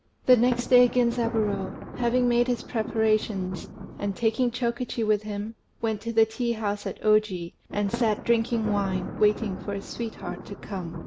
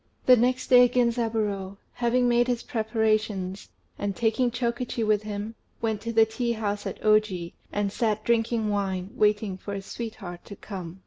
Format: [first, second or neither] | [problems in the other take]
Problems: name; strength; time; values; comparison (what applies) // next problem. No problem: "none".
second | background sound (Thunder); 12 dB below the speech